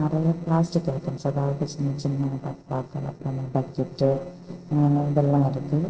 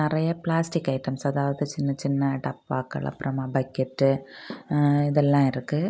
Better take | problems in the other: second | noise reduction (neural separator model SepFormer DNS4)

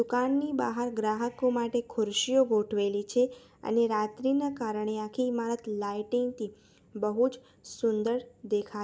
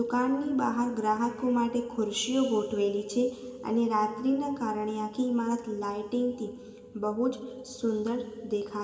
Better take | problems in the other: first | room echo; dies away in 2 s

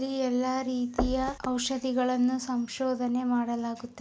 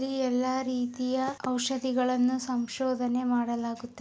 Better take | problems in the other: second | background sound (Knock); 10 dB below the speech

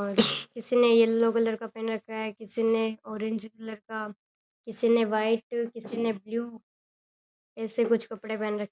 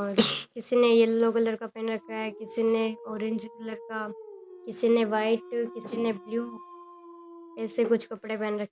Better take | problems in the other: first | background sound (Dog); 19 dB below the speech

